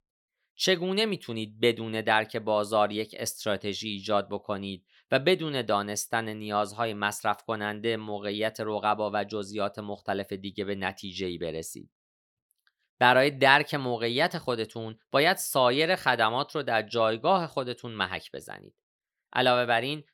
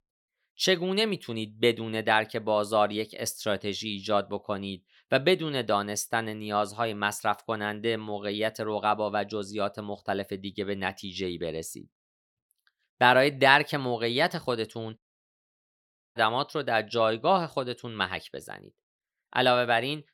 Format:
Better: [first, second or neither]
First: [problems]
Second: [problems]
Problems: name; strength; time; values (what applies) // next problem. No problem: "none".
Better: first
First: none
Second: audio cutting out; at 15 s for 1 s